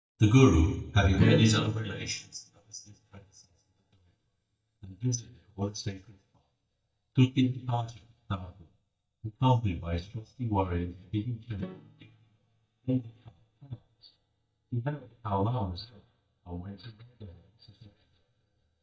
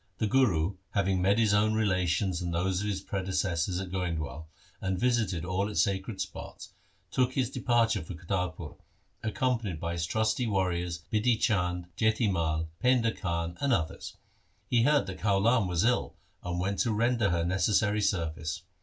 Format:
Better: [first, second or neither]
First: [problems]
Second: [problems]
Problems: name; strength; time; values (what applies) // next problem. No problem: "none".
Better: second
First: noise reduction (neural mask model DeepFilterNet 3)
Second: none